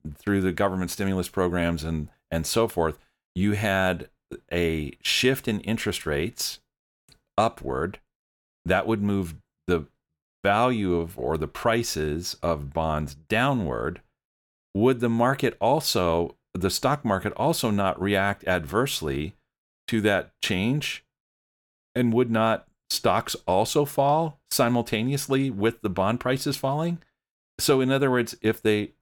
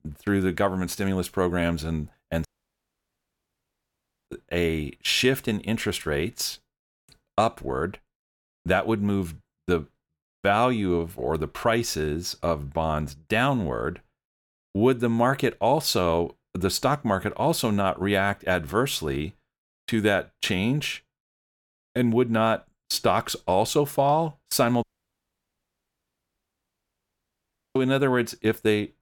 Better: first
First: none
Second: audio cutting out; at 2.5 s for 2 s and at 25 s for 3 s

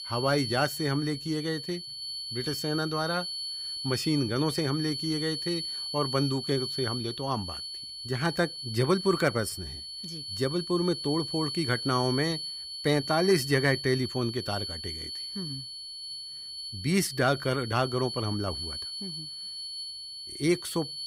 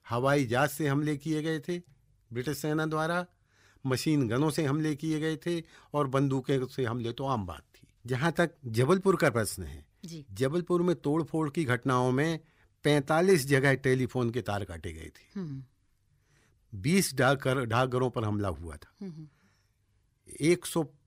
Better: second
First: high-pitched whine; loud; throughout; 4.5 kHz, 5 dB below the speech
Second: none

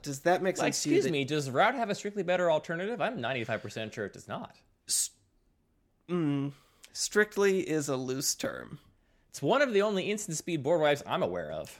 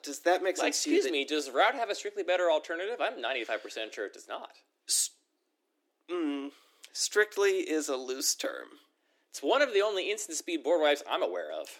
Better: first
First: none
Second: thin; very slightly; fading below 300 Hz

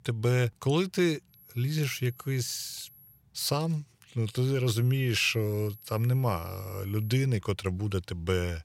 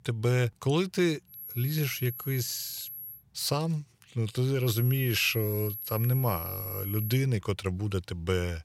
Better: first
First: high-pitched whine; faint; from 1.5 to 3 s and from 4.5 to 7 s; 11.5 kHz, 20 dB below the speech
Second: high-pitched whine; loud; from 1.5 to 3 s and from 4.5 to 7 s; 11.5 kHz, 8 dB below the speech

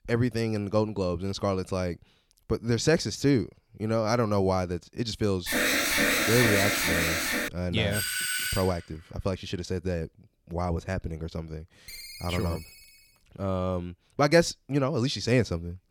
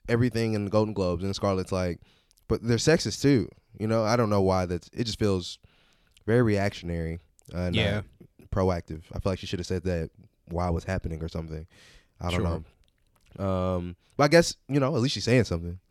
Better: second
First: alarm; loud; from 5.5 to 7.5 s; peak 6 dB above the speech // doorbell; loud; at 8 s; peak 1 dB above the speech // phone ringing; faint; from 12 to 13 s; peak 10 dB below the speech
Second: none

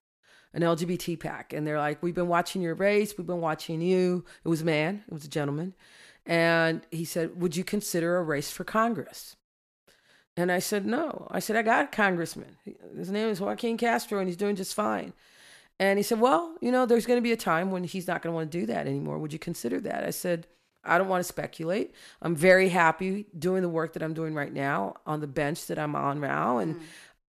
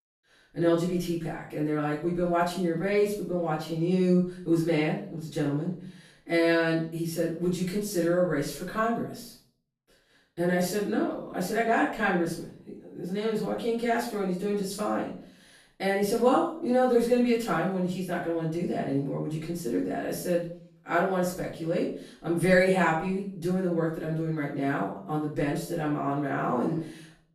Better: first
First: none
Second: off-mic speech; far // room echo; noticeable; dies away in 0.4 s

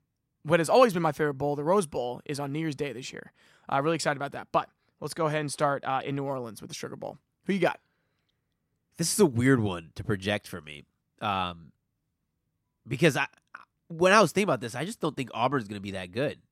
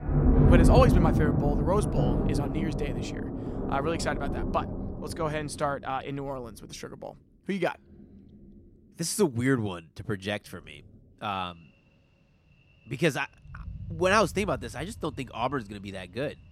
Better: first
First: none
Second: rain or running water; very loud; throughout; 3 dB above the speech

